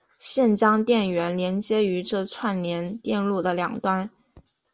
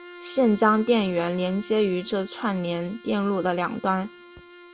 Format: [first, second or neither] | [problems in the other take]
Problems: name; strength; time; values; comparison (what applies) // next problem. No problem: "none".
first | background sound (Bowed string instrument); 19 dB below the speech